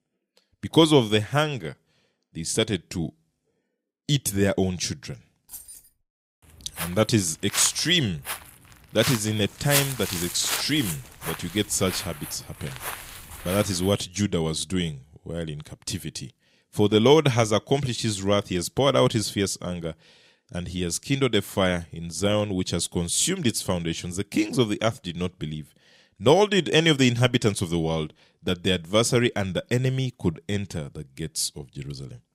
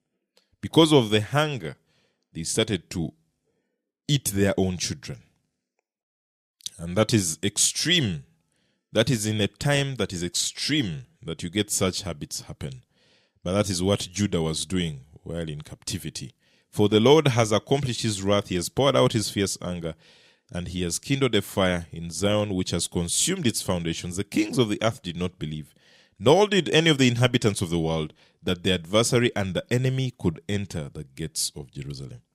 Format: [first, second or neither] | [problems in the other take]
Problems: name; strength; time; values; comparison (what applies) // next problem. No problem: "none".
second | jangling keys; faint; at 5.5 s; peak 15 dB below the speech // footsteps; noticeable; from 7 to 14 s; peak level with the speech